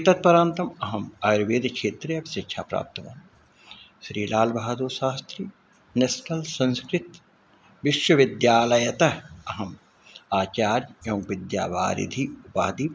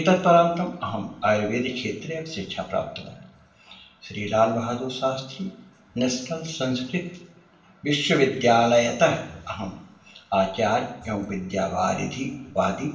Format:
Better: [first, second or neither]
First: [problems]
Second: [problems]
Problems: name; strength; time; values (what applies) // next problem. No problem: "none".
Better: first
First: none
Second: room echo; dies away in 0.8 s